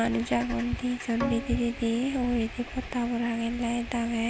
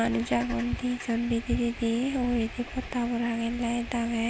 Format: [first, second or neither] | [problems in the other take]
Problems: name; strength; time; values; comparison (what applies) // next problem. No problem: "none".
second | background sound (Bowed string instrument); 13 dB below the speech